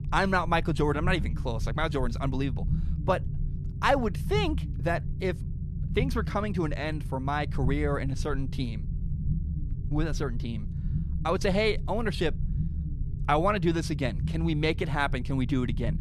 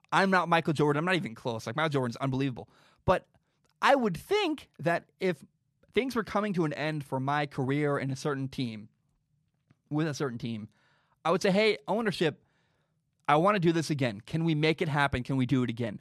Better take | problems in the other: second | low rumble; noticeable; throughout; 15 dB below the speech

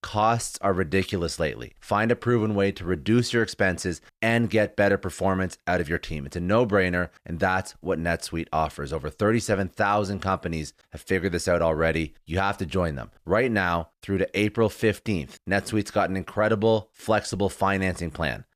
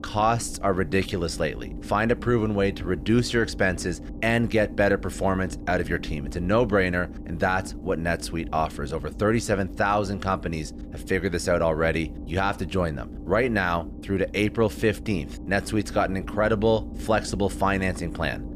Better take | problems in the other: first | low rumble; noticeable; throughout; 20 dB below the speech

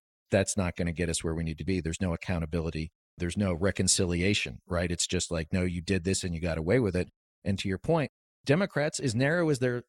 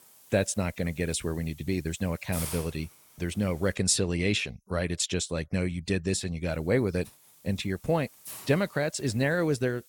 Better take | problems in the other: first | hiss; noticeable; until 3.5 s and from 6.5 s on; 15 dB below the speech

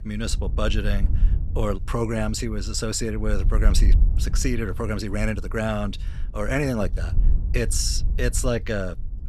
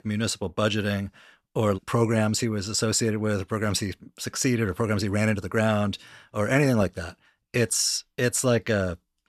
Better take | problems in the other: second | wind noise on the microphone; occasional gusts; 20 dB below the speech

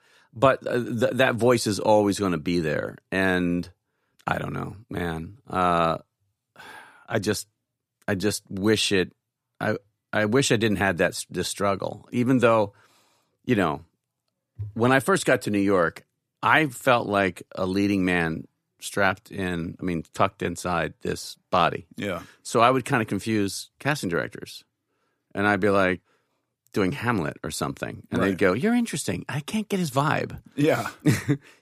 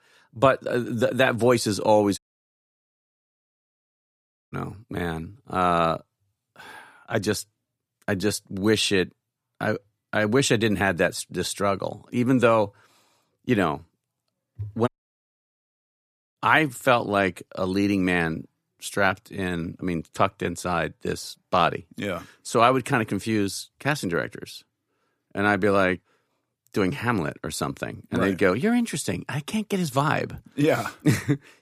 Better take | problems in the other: first | audio cutting out; at 2 s for 2.5 s and at 15 s for 1.5 s

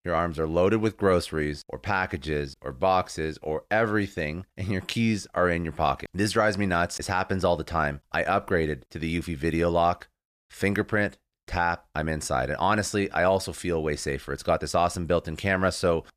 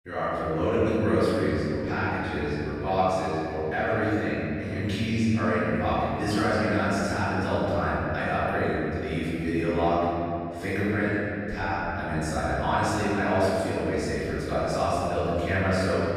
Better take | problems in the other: first | room echo; strong; dies away in 3 s // off-mic speech; far

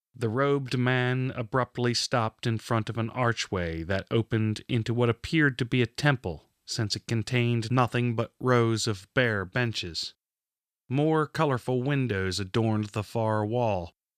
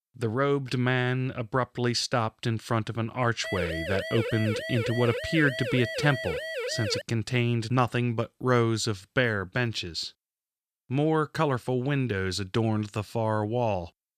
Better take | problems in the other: first | siren; noticeable; from 3.5 to 7 s; peak 4 dB below the speech

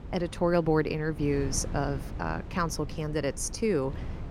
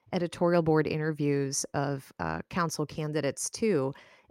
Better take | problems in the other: second | wind noise on the microphone; occasional gusts; 15 dB below the speech

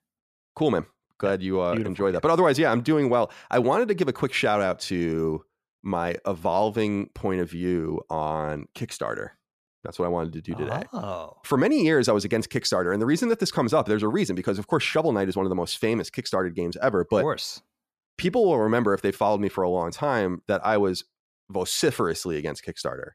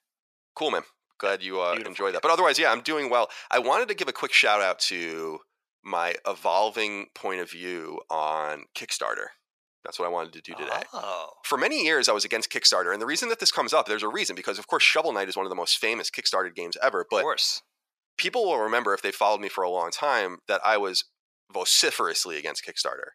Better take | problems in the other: first | thin; very; fading below 650 Hz

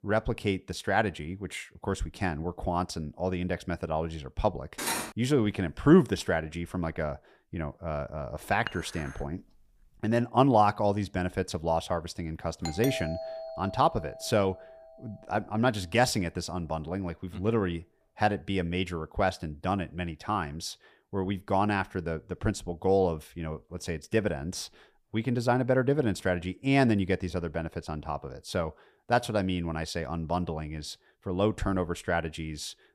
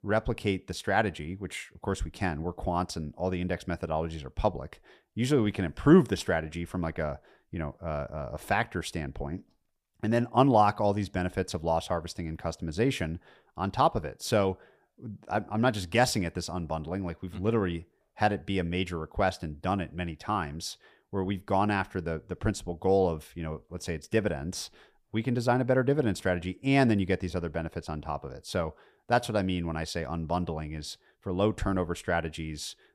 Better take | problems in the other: second | clattering dishes; noticeable; at 5 s; peak 1 dB below the speech // clattering dishes; faint; at 8.5 s; peak 10 dB below the speech // doorbell; noticeable; from 13 to 15 s; peak 5 dB below the speech

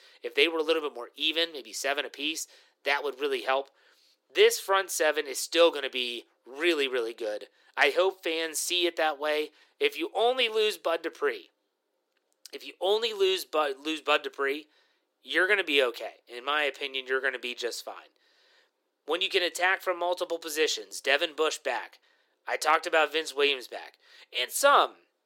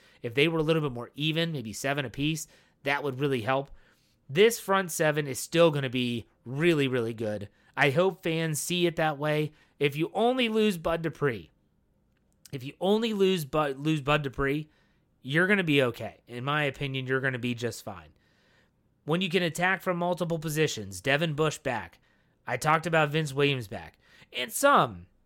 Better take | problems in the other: second | thin; very; fading below 350 Hz

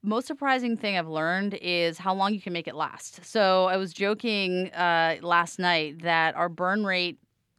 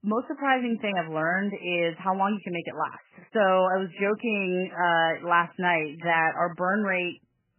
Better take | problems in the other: first | garbled, watery; badly; nothing above 3 kHz

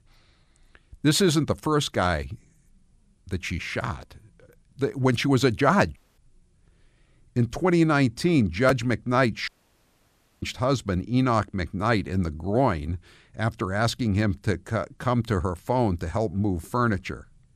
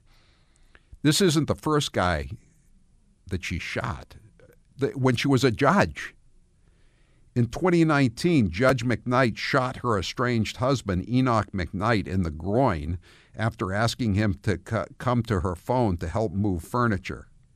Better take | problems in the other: second | audio cutting out; at 6 s and at 9.5 s for 1 s

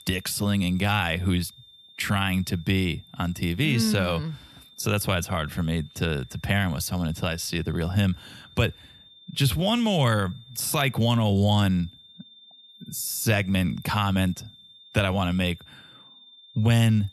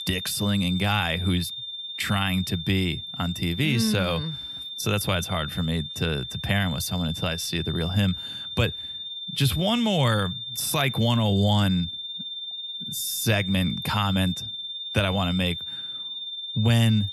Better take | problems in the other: first | high-pitched whine; loud; throughout; 3.5 kHz, 7 dB below the speech; faint in the first

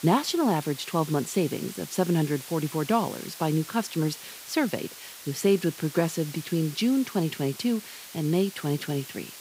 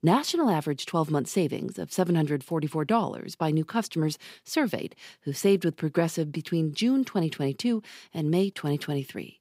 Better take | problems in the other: second | hiss; noticeable; throughout; 15 dB below the speech

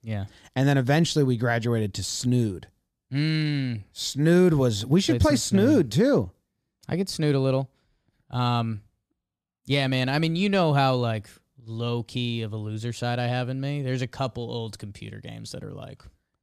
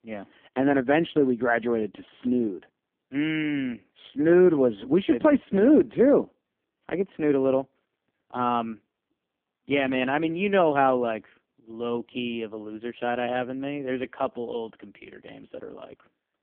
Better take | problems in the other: first | phone-call audio; poor line; nothing above 3.5 kHz

